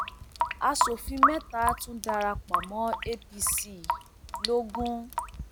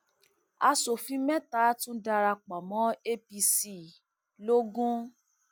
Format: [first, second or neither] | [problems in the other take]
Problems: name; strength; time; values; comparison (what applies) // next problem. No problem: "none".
second | background sound (Drip / Sink (filling or washing) / Water tap, faucet); as loud as the speech